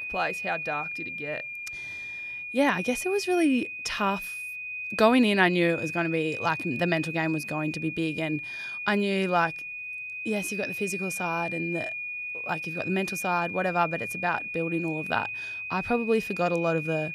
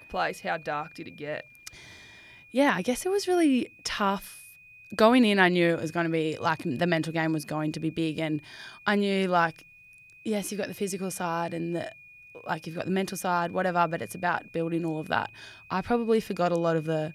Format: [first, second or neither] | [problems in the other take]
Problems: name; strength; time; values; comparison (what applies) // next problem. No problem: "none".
second | high-pitched whine; loud; throughout; 2.5 kHz, 5 dB below the speech; faint in the second